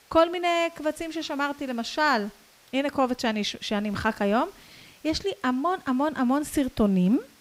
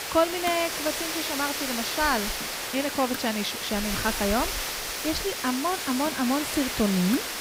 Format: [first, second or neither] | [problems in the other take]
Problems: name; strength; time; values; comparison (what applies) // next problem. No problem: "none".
first | hiss; loud; throughout; 2 dB below the speech; faint in the first